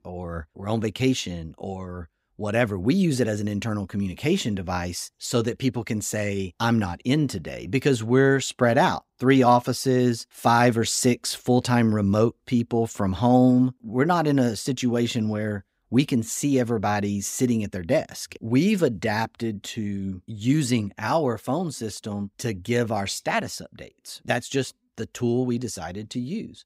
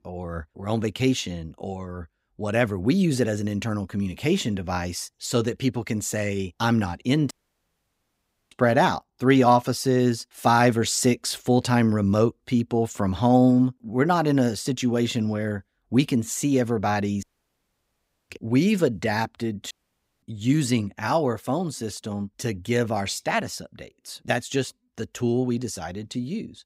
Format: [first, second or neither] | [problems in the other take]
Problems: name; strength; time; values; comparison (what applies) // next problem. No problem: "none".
first | audio cutting out; at 7.5 s for 1 s, at 17 s for 1 s and at 20 s for 0.5 s